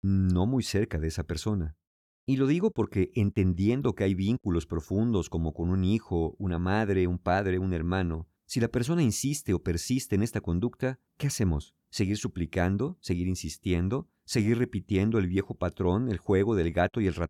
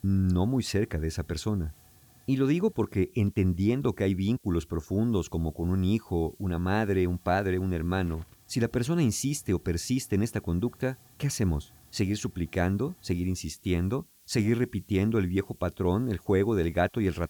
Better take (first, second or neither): first